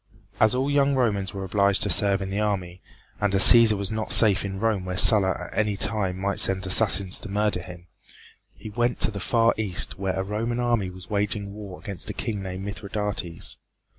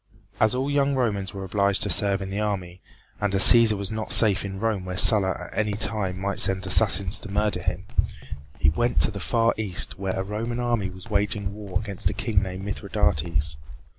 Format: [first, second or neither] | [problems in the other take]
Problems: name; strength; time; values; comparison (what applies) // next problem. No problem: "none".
first | background sound (Run); as loud as the speech